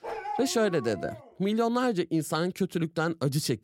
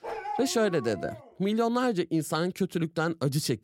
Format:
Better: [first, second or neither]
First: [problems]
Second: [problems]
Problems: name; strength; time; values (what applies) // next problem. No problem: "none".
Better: neither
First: dog barking; noticeable; until 1 s; peak 6 dB below the speech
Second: dog barking; noticeable; until 1 s; peak 6 dB below the speech